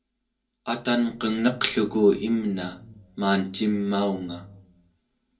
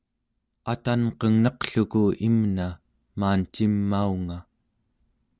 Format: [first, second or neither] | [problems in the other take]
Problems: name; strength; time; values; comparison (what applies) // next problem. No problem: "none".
second | room echo; dies away in 0.2 s